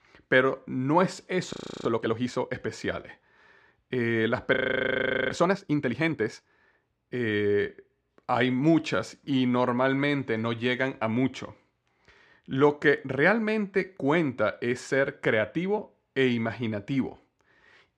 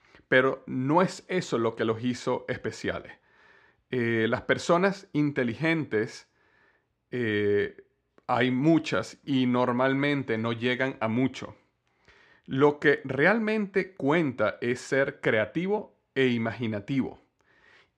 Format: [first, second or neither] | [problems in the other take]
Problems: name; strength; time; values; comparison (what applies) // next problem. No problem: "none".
second | audio freezing; at 1.5 s and at 4.5 s for 1 s